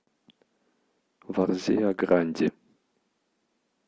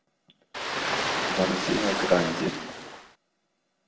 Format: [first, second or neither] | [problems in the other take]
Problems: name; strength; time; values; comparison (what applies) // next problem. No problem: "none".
first | background sound (Ocean); as loud as the speech // room echo; dies away in 0.5 s